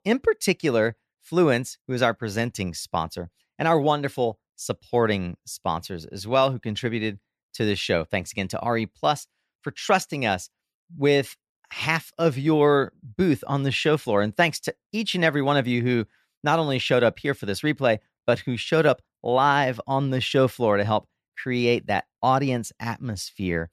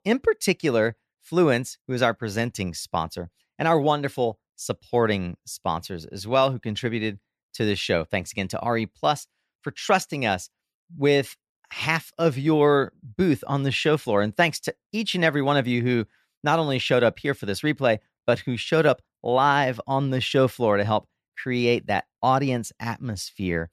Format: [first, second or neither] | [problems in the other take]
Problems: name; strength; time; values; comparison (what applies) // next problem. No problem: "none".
neither | none